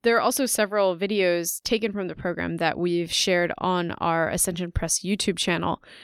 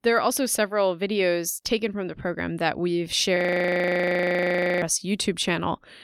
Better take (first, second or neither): first